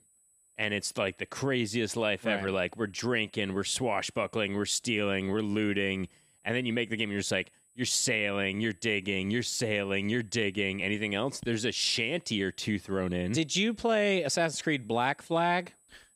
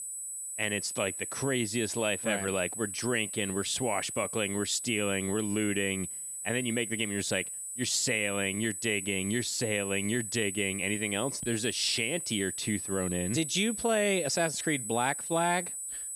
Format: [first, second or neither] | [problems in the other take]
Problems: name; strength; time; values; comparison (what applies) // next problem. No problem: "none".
first | high-pitched whine; loud; throughout; 8 kHz, 5 dB below the speech; faint in the first